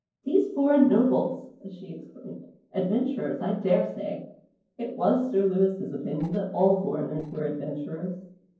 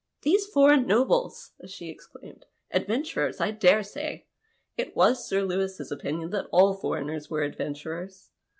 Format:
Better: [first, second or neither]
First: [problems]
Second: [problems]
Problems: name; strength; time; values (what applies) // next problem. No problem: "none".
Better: second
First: noise reduction (neural separator model SepFormer DNS4)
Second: none